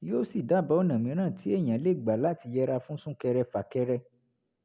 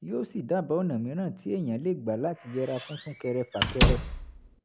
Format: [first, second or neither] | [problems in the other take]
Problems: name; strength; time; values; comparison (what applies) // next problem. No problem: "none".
first | background sound (Squeak / Slam); 2 dB above the speech